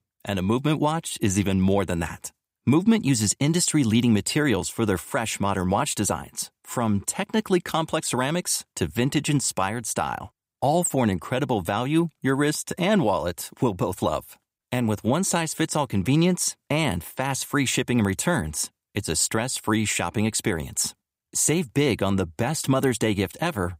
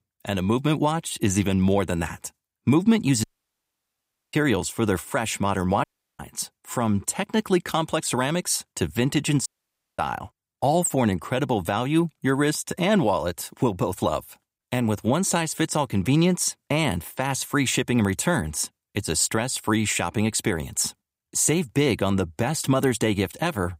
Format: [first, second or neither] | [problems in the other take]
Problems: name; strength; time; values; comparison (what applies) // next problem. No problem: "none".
first | audio cutting out; at 3 s for 1 s, at 6 s and at 9.5 s for 0.5 s